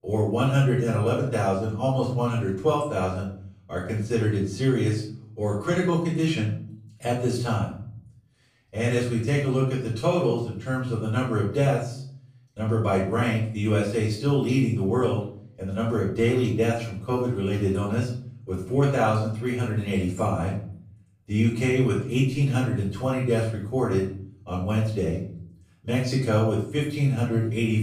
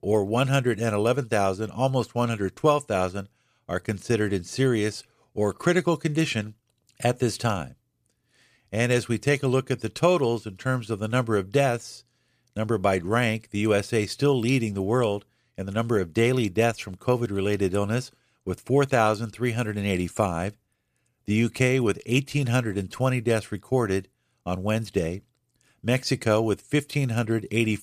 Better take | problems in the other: second | off-mic speech; far // room echo; noticeable; dies away in 0.7 s

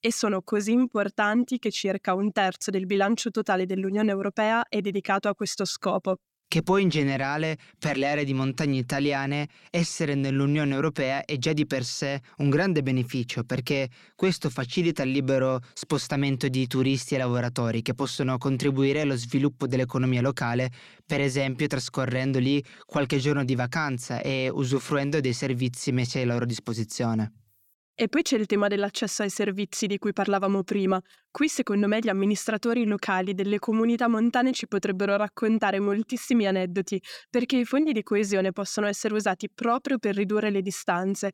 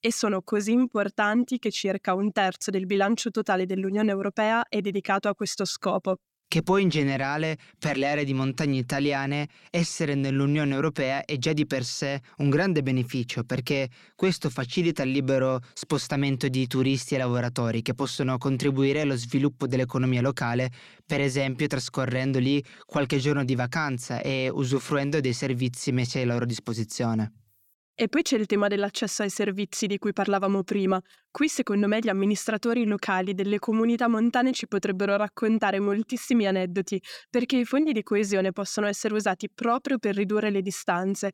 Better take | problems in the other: neither | none

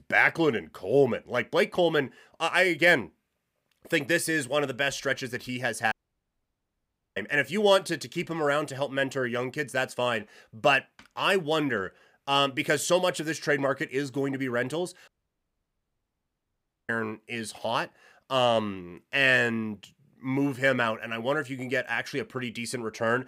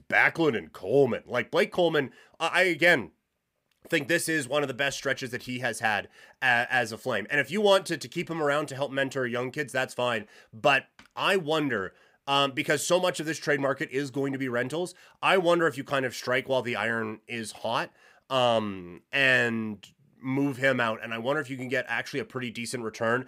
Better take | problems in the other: second | audio cutting out; at 6 s for 1 s and at 15 s for 2 s

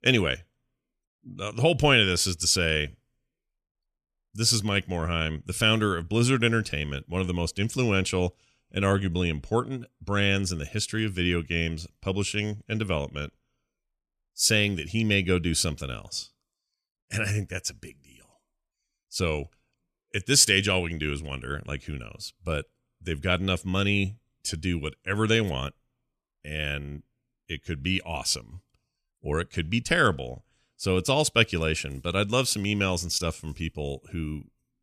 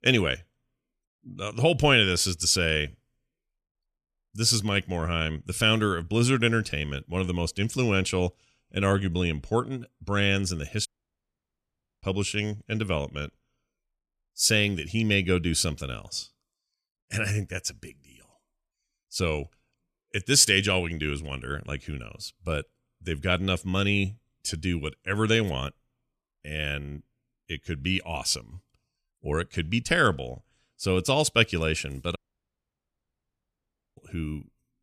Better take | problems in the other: first | audio cutting out; at 11 s for 1 s and at 32 s for 2 s

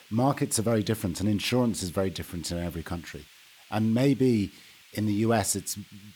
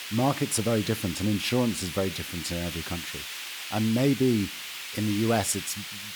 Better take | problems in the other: first | hiss; loud; throughout; 7 dB below the speech; faint in the first

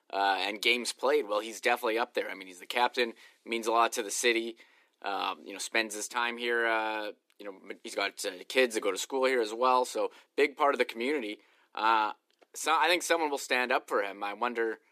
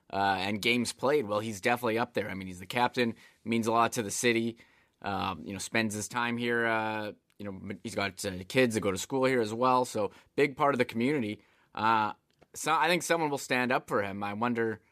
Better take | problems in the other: second | thin; somewhat; fading below 300 Hz

